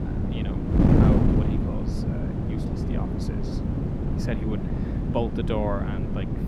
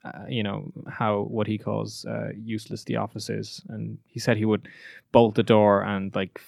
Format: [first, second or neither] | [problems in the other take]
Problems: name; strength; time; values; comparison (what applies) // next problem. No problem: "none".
second | wind noise on the microphone; heavy; 2 dB above the speech